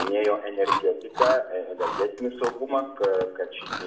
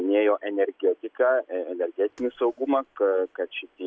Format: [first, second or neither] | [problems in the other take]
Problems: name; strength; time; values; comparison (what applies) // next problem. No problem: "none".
second | background sound (Chewing, mastication); 6 dB below the speech // room echo; dies away in 0.6 s